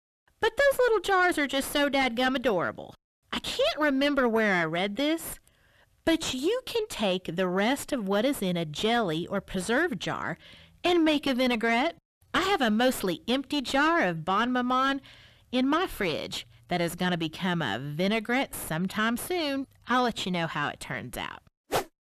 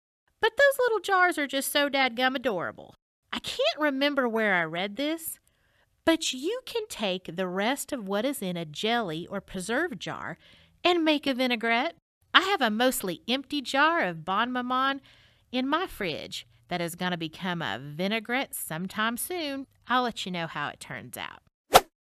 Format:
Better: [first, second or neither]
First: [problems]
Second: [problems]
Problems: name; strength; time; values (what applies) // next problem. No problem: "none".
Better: second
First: distortion; heavy; 6 dB below the speech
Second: none